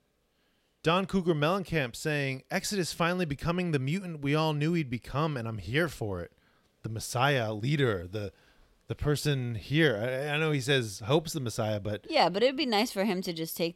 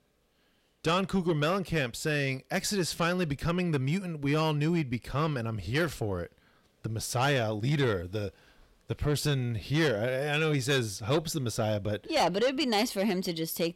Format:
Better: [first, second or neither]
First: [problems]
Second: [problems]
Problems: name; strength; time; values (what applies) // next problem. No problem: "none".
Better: first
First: none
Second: distortion; slight; 10 dB below the speech